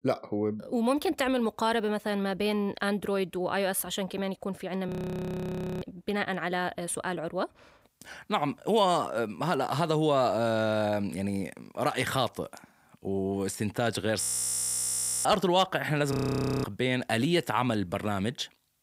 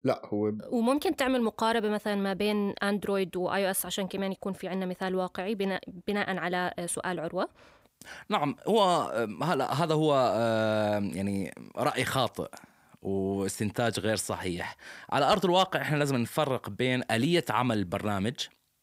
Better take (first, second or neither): second